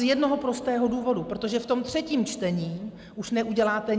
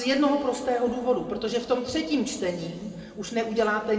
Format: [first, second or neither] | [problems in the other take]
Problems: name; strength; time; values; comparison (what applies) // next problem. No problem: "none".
first | room echo; dies away in 1.8 s